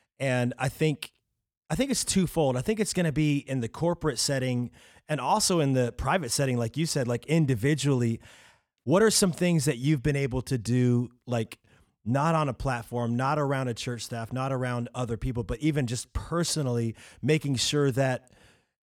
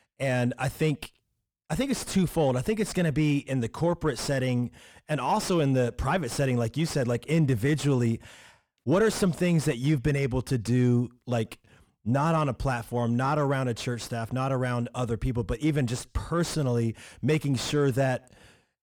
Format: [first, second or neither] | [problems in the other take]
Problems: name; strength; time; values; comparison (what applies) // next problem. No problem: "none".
first | distortion; slight; 10 dB below the speech